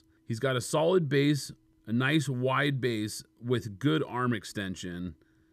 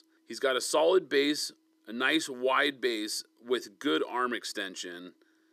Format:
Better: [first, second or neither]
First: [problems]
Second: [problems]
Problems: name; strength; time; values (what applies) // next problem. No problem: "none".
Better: first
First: none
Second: thin; somewhat; fading below 350 Hz